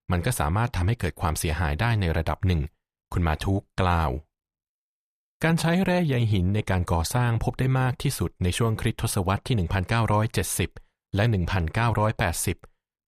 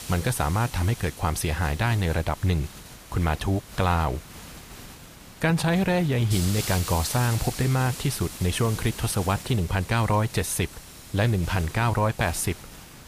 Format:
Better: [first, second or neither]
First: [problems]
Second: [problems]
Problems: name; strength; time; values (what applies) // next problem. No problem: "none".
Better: first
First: none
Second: hiss; noticeable; throughout; 10 dB below the speech